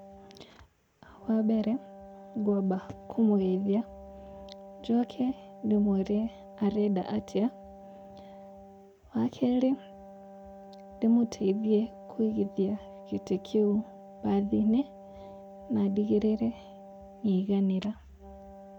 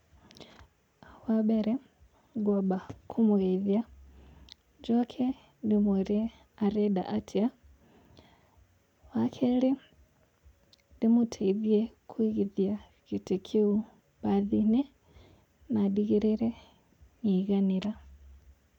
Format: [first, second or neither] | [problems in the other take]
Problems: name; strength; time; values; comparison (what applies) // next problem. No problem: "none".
second | background sound (Wind instrument, woodwind instrument); 18 dB below the speech